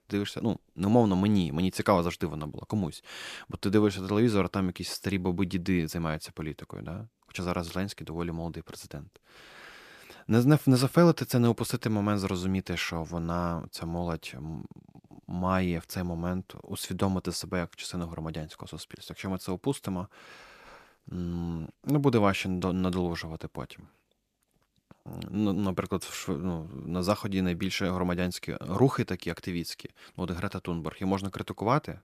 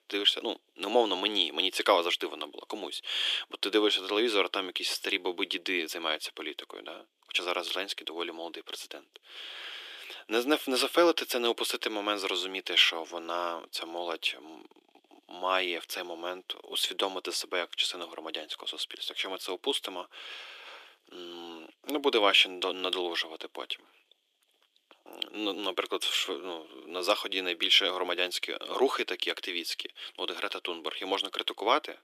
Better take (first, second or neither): first